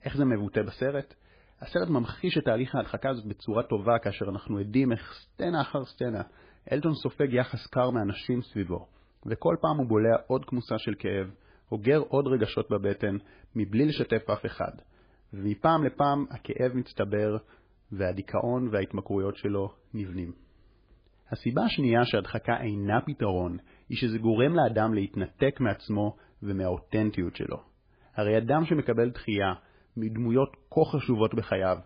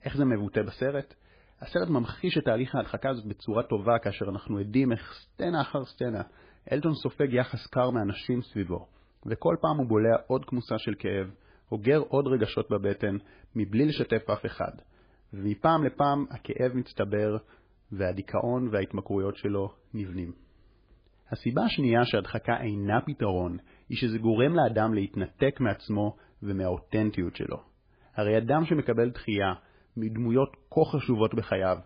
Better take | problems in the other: neither | garbled, watery; badly; nothing above 5 kHz; the same in both

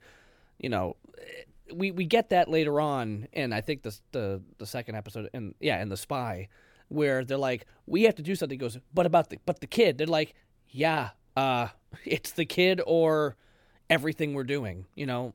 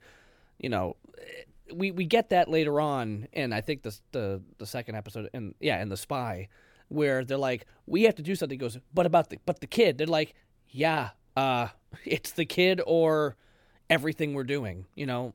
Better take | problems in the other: neither | none

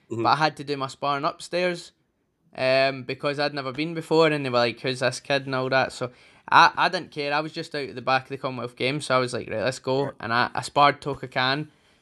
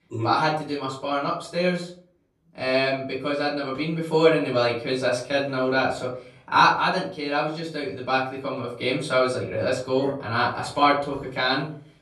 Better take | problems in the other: first | off-mic speech; far // room echo; slight; dies away in 0.4 s

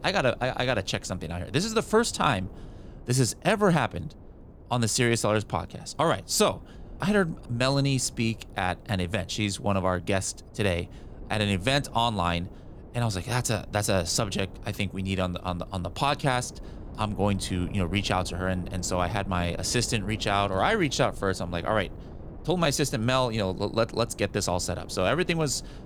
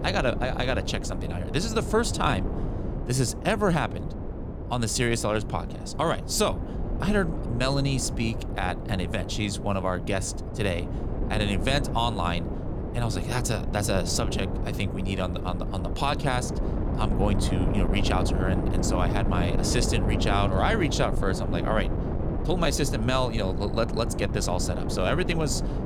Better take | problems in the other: first | wind noise on the microphone; heavy; 8 dB below the speech; occasional gusts in the first

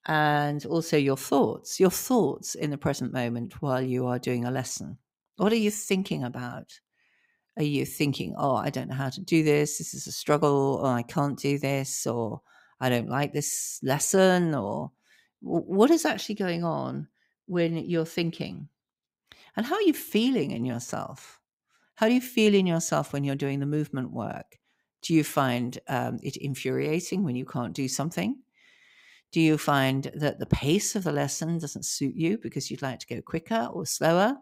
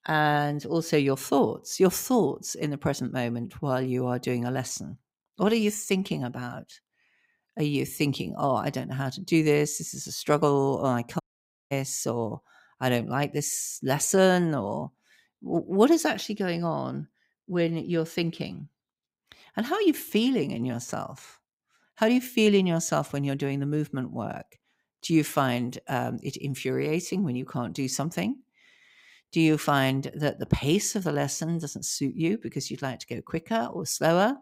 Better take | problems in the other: first | audio cutting out; at 11 s for 0.5 s

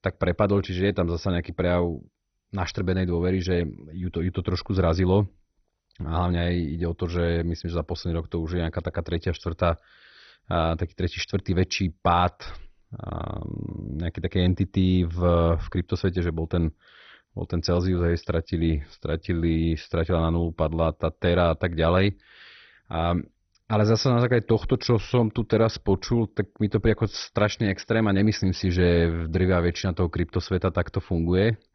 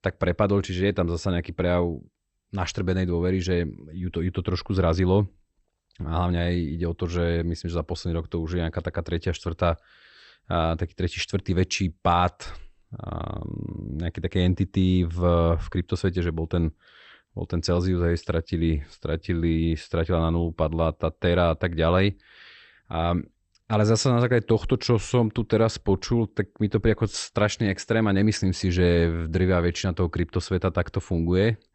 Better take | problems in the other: second | garbled, watery; badly; nothing above 6 kHz; slightly in the second

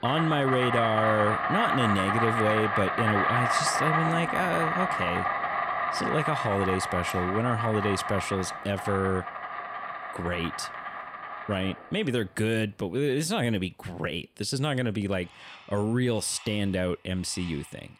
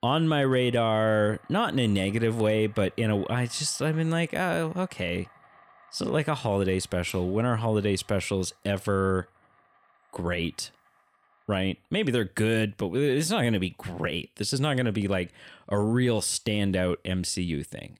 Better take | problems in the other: second | animal sounds; loud; throughout; as loud as the speech; faint in the second

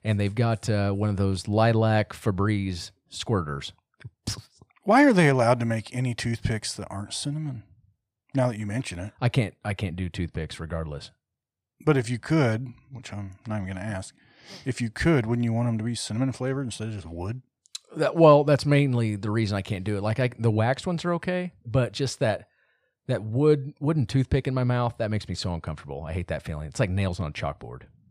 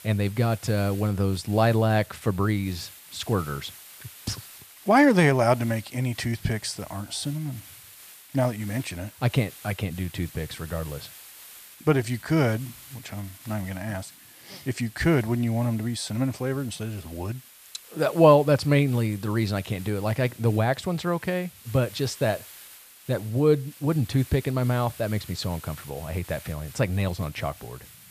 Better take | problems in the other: first | hiss; noticeable; throughout; 20 dB below the speech

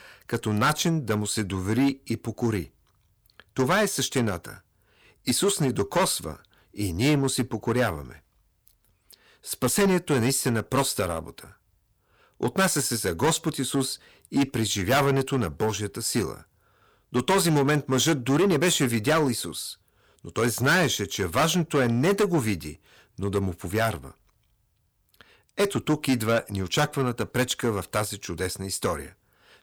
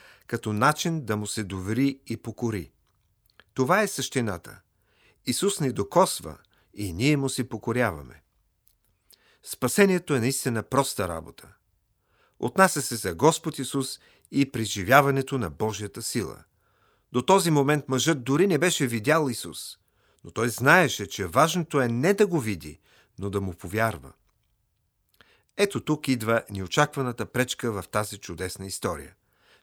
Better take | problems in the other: second | distortion; heavy; 7% of the sound clipped

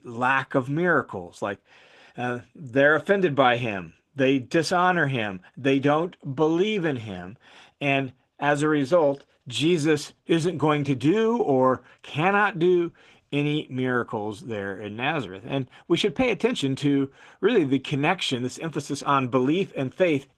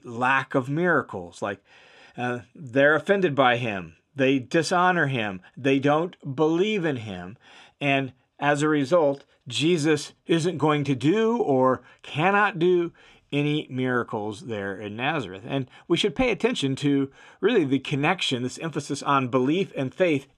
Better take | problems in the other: second | garbled, watery; slightly

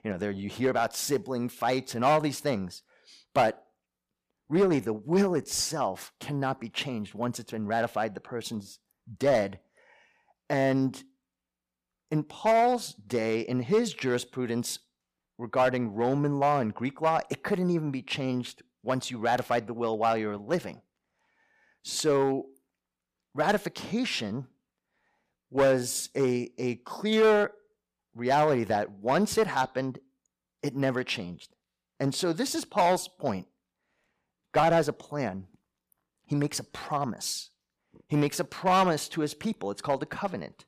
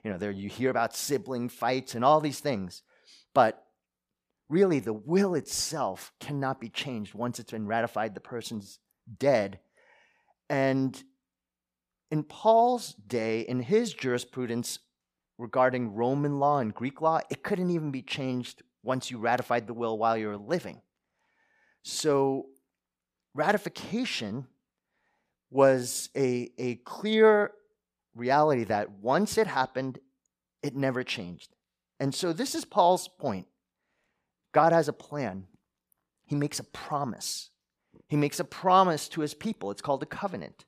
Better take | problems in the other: second | distortion; slight; 2% of the sound clipped

